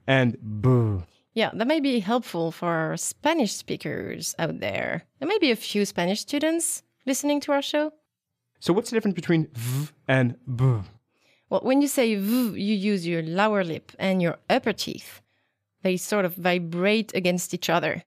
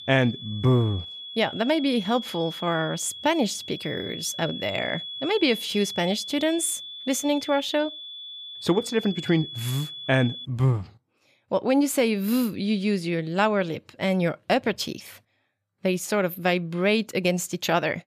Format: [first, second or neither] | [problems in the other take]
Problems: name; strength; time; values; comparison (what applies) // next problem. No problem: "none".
first | high-pitched whine; loud; until 10 s; 3.5 kHz, 10 dB below the speech